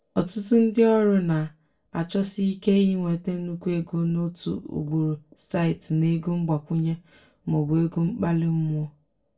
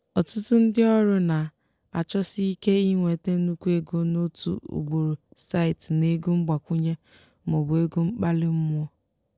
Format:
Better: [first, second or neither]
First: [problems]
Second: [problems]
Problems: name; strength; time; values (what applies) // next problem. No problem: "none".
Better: second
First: room echo; dies away in 0.2 s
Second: none